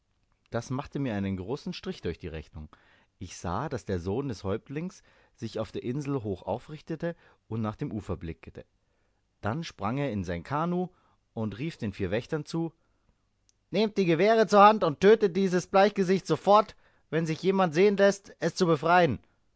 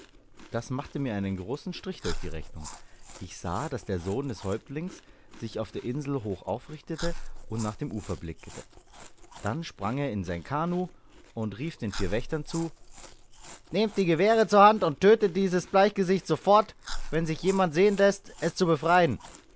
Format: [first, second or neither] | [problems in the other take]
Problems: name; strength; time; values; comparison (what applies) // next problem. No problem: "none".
first | background sound (Chewing, mastication); 13 dB below the speech